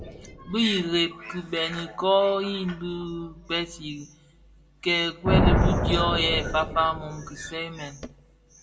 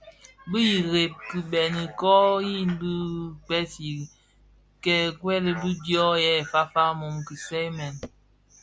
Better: second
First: background sound (Thunder); 2 dB below the speech // room echo; dies away in 0.3 s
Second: none

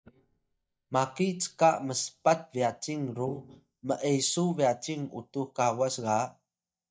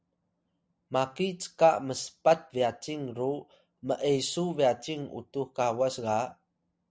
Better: second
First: noise reduction (neural mask model DeepFilterNet 3)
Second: none

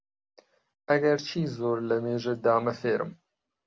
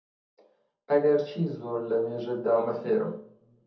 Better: first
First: none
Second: room echo; dies away in 0.7 s

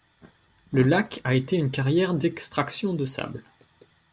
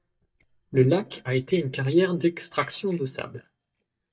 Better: first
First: none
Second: noise reduction (neural mask model DeepFilterNet 3)

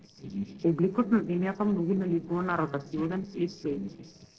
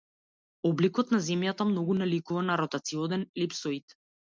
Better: second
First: noise reduction (neural separator model SepFormer DNS4)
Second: none

